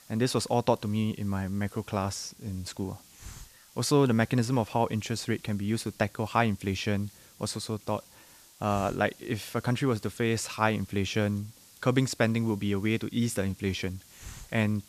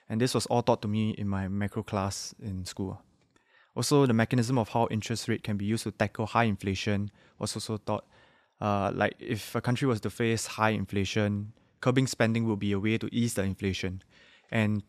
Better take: second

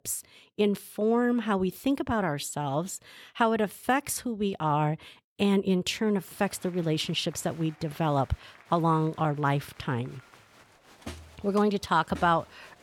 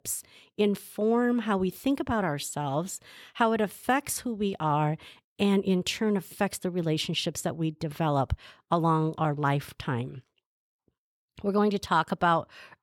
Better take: second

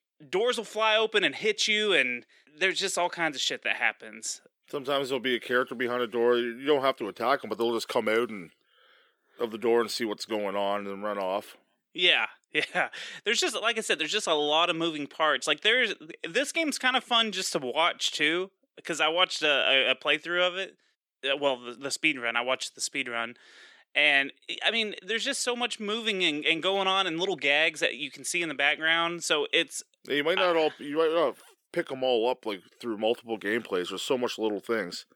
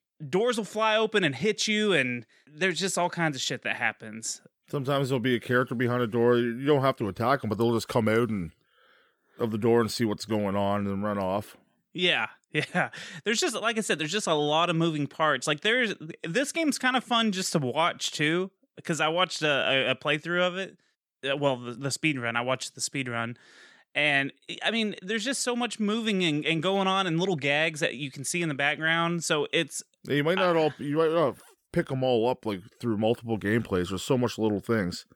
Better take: second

